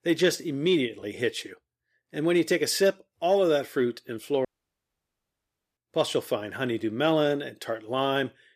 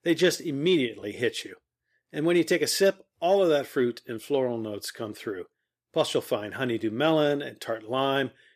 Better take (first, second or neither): second